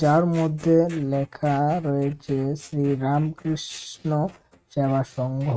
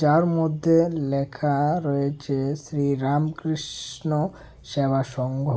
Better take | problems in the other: second | noise reduction (neural mask model RNNoise)

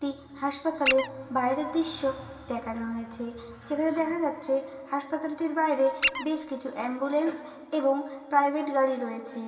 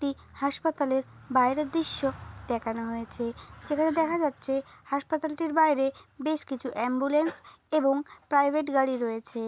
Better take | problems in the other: second | background sound (Squeak); 4 dB below the speech // room echo; dies away in 2.7 s

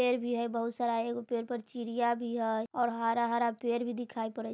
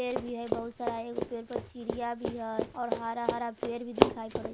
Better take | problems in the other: first | background sound (Run); 3 dB above the speech

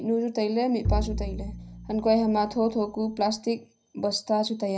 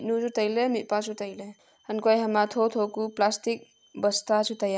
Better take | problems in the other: second | background sound (Bowed string instrument); 6 dB below the speech // room echo; dies away in 0.4 s

